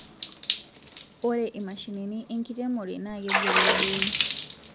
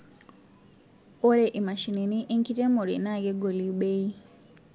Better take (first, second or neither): second